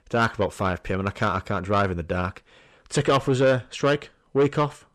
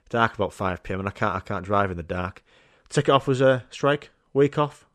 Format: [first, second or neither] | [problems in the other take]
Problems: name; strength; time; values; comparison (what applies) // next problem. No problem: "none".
second | distortion; slight; 10 dB below the speech